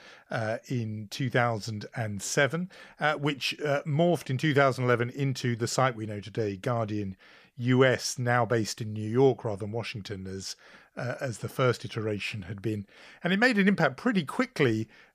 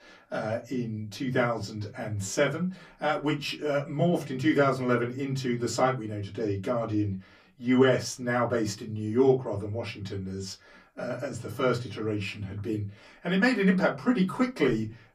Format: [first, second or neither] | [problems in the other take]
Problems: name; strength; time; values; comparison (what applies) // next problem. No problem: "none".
first | off-mic speech; far // room echo; very slight; dies away in 0.2 s